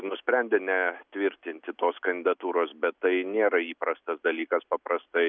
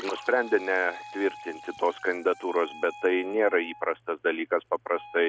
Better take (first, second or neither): first